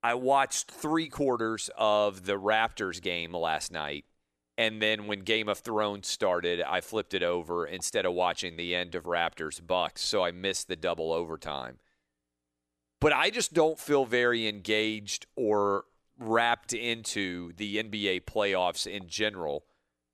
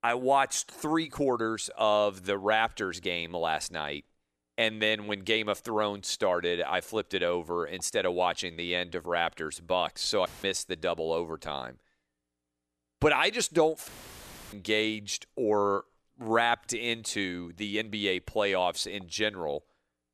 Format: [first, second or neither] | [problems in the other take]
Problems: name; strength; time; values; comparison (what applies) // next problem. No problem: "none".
first | audio cutting out; filled with static; at 10 s and at 14 s for 0.5 s